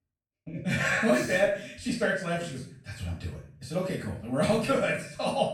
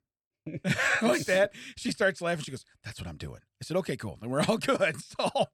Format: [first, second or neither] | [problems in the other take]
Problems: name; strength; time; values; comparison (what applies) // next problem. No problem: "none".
second | off-mic speech; far // room echo; noticeable; dies away in 0.5 s